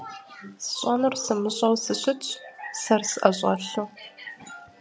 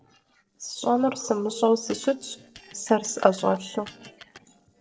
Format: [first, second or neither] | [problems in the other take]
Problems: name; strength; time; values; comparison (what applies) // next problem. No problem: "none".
first | noise reduction (neural separator model SepFormer DNS4)